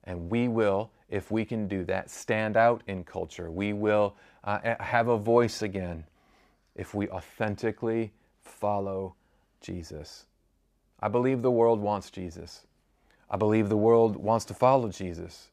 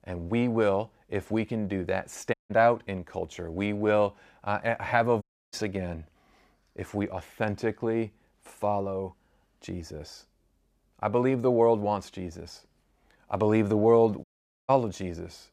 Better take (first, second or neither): first